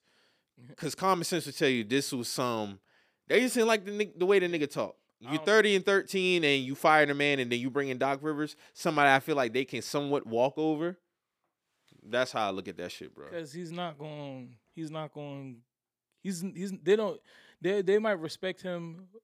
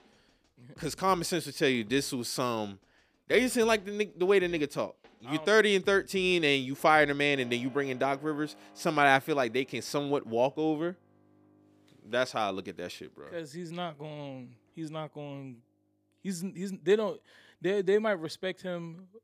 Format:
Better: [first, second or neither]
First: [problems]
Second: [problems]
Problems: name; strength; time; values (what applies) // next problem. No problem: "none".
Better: first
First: none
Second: background music; faint; throughout; 30 dB below the speech